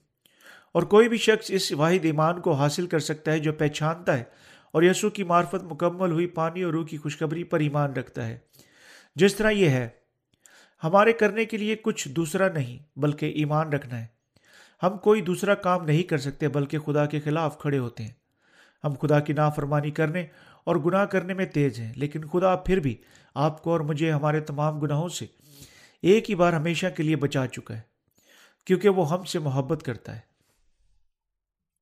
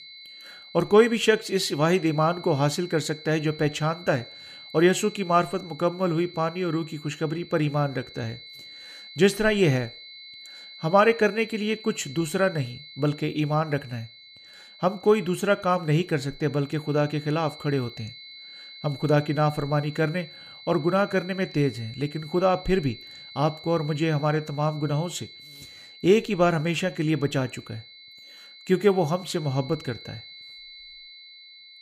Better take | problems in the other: first | high-pitched whine; noticeable; throughout; 4 kHz, 20 dB below the speech

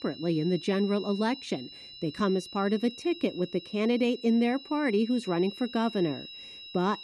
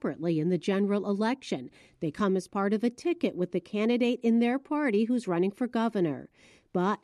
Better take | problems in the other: second | high-pitched whine; noticeable; throughout; 4 kHz, 15 dB below the speech

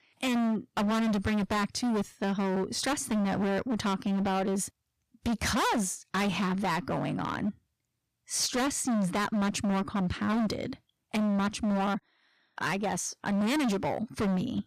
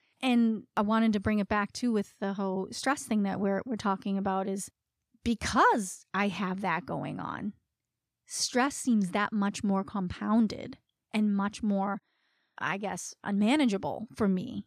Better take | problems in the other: second | distortion; heavy; 26% of the sound clipped

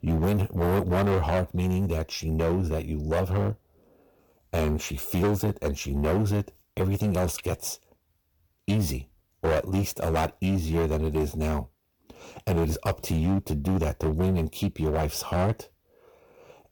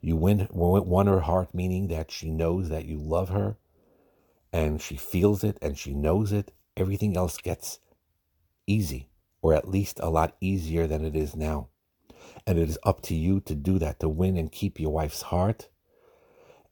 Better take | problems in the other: second | distortion; heavy; 12% of the sound clipped

